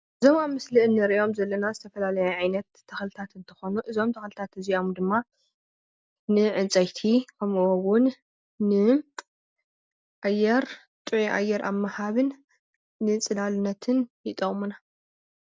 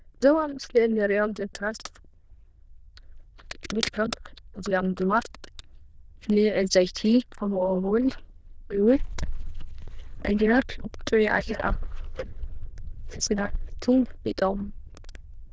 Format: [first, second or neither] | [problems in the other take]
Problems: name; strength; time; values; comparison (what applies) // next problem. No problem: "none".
first | noise reduction (neural diffusion model UNIVERSE++)